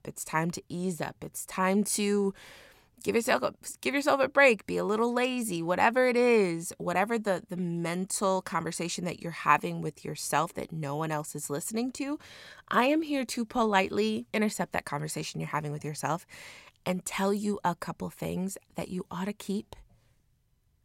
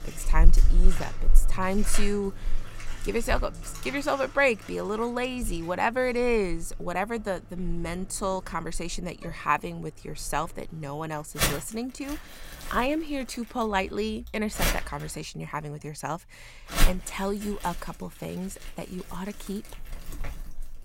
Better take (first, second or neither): first